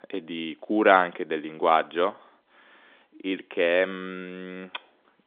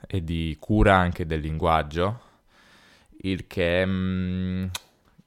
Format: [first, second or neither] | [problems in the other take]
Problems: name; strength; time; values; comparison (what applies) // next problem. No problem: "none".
second | phone-call audio; nothing above 3.5 kHz